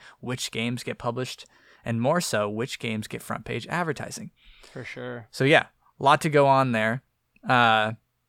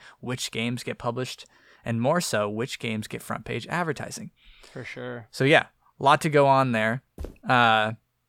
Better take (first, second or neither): first